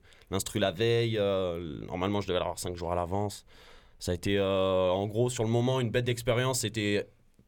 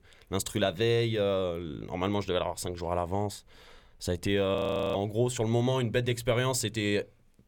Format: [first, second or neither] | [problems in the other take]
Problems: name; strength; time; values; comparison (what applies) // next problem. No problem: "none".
first | audio freezing; at 4.5 s